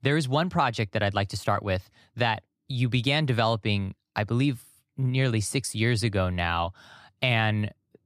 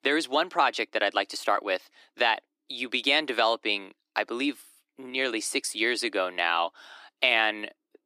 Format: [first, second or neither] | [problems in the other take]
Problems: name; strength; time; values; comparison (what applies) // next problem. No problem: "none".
first | thin; very; fading below 300 Hz